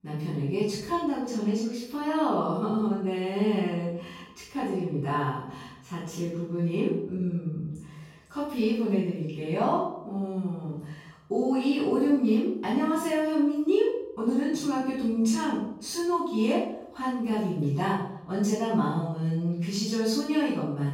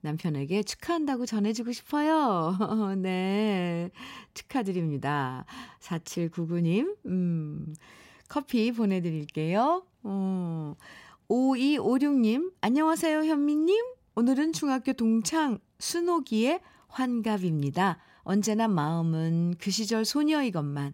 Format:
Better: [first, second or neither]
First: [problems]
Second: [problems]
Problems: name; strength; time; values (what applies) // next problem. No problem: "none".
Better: second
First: off-mic speech; far // room echo; strong; dies away in 0.6 s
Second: none